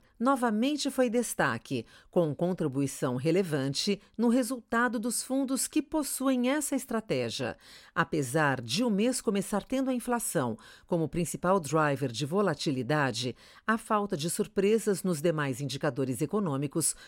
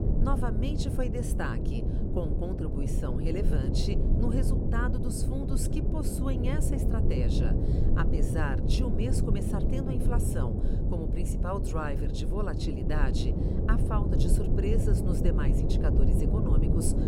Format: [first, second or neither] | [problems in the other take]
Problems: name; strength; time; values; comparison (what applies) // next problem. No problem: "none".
first | low rumble; loud; throughout; 1 dB below the speech